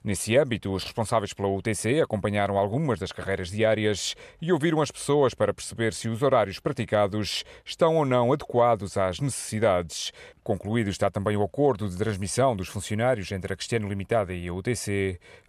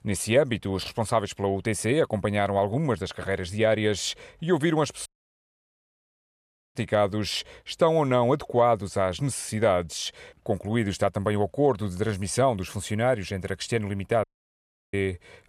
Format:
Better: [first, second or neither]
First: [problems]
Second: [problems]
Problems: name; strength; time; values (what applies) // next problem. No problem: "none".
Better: first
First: none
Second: audio cutting out; at 5 s for 1.5 s and at 14 s for 0.5 s